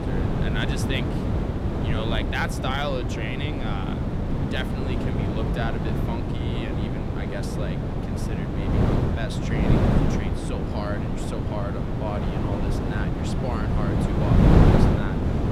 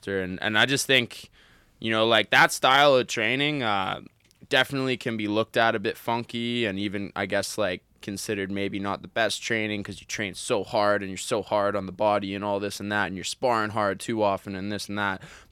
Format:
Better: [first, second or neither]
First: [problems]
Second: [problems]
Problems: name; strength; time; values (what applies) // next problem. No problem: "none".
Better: second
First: wind noise on the microphone; heavy; 2 dB above the speech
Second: none